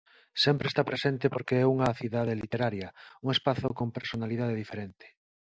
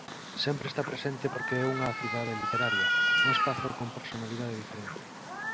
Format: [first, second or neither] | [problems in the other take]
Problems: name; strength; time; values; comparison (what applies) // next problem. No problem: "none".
first | background sound (Cat); 3 dB above the speech